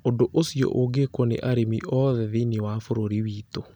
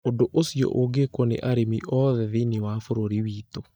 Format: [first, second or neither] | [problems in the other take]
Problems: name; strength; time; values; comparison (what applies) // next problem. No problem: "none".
first | noise reduction (neural mask model DeepFilterNet 3)